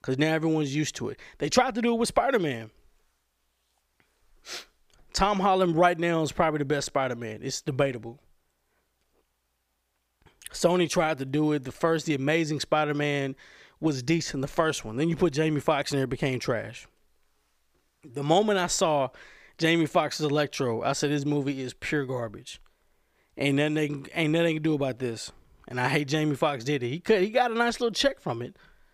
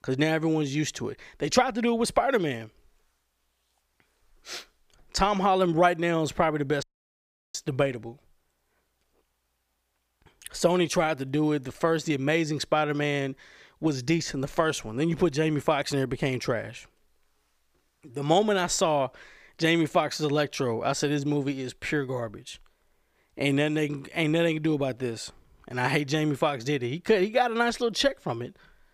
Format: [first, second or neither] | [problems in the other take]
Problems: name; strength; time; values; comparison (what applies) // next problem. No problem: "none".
first | audio cutting out; at 7 s for 0.5 s